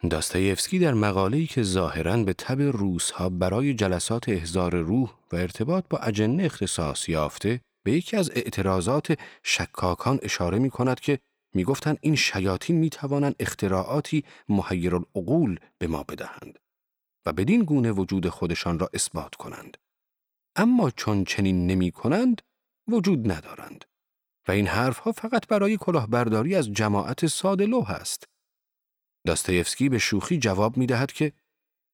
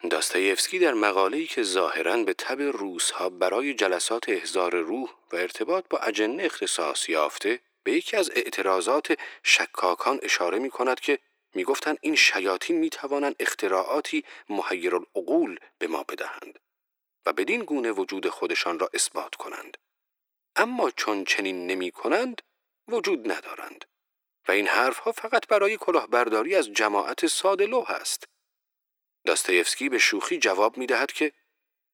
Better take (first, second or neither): first